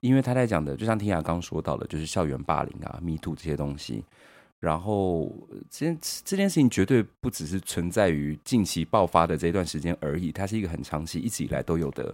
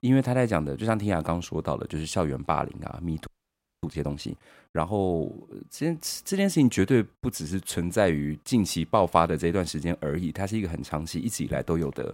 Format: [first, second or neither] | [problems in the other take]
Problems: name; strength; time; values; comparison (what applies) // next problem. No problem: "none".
first | audio freezing; at 3.5 s for 0.5 s